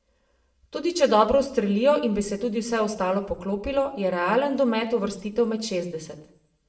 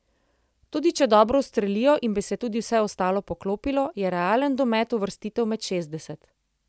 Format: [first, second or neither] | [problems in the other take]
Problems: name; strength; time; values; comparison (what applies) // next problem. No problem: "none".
second | room echo; dies away in 0.5 s